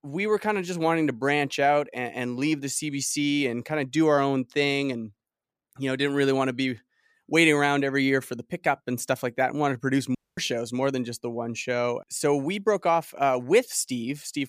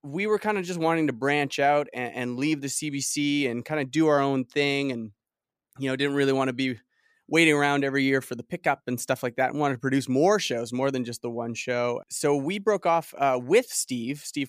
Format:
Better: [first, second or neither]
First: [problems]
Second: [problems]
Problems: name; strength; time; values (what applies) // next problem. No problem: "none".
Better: second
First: audio cutting out; at 10 s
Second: none